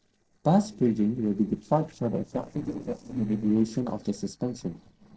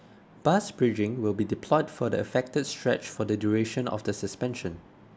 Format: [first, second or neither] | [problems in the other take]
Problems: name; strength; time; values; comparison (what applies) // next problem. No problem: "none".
second | noise reduction (neural separator model SepFormer DNS4)